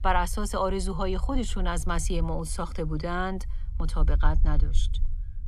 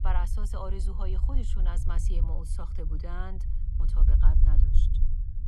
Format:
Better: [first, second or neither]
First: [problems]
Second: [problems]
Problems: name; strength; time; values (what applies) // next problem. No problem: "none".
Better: first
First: low rumble; faint; throughout; 20 dB below the speech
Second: low rumble; loud; throughout; 5 dB below the speech